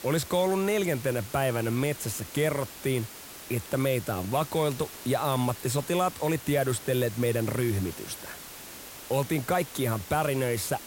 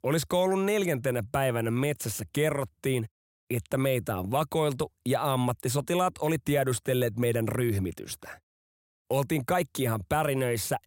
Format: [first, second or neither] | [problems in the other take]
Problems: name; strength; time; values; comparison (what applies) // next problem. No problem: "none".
second | hiss; noticeable; throughout; 15 dB below the speech